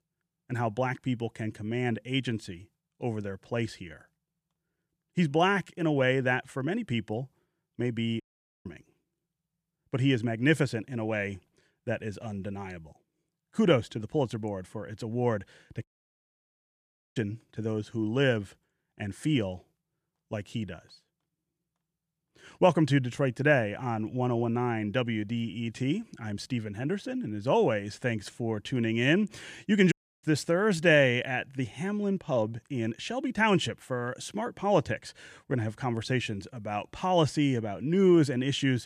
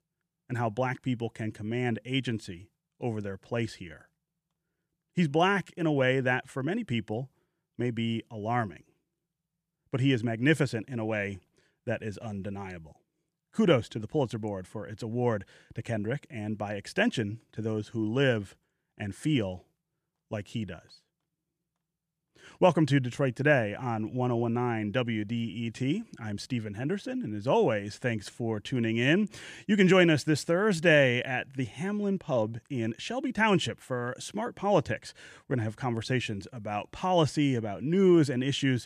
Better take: second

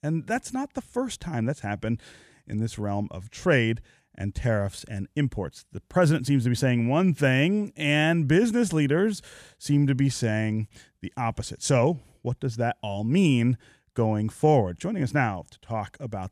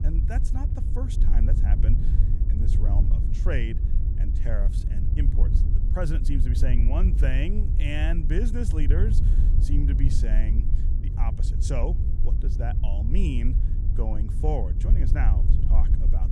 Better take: first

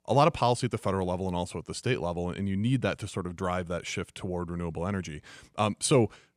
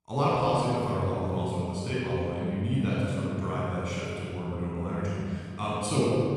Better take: first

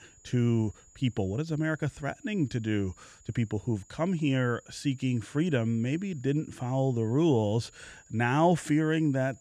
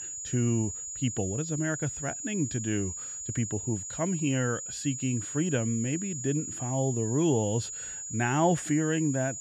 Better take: first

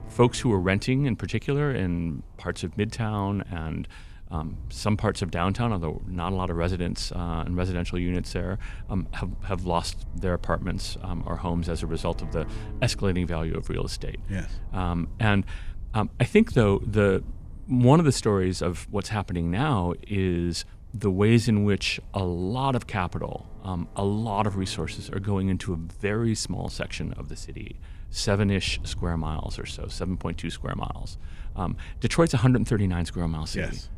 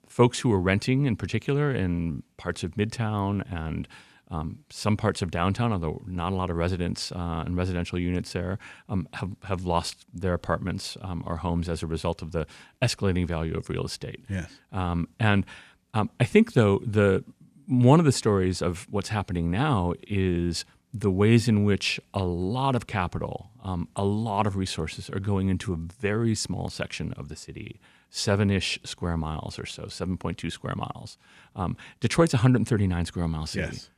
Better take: second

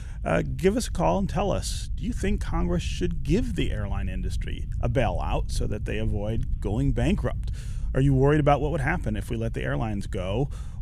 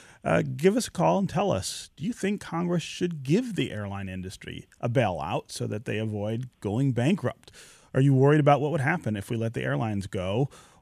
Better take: second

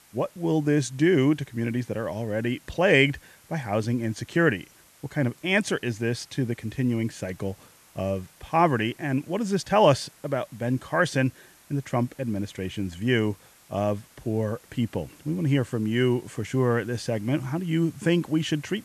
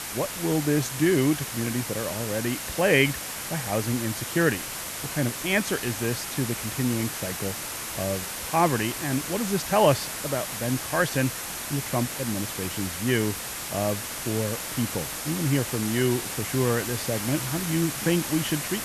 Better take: first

